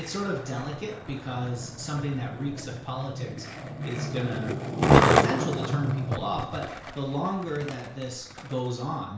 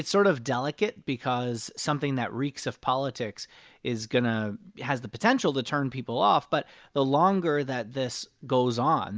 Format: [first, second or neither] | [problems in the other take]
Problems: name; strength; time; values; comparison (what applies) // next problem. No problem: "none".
second | background sound (Skateboard); 4 dB above the speech // room echo; dies away in 0.5 s